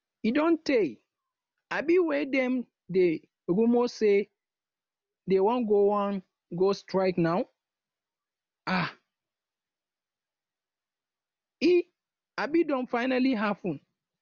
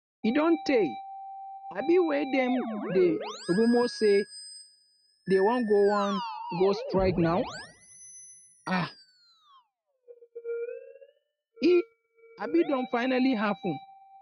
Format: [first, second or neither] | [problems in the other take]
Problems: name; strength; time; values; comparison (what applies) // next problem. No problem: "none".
first | noise reduction (neural mask model RNNoise)